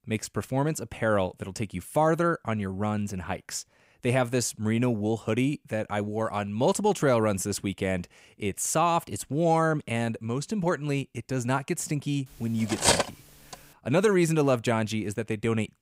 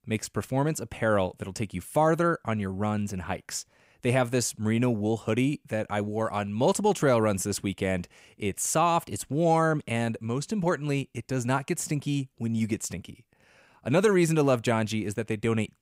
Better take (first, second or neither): second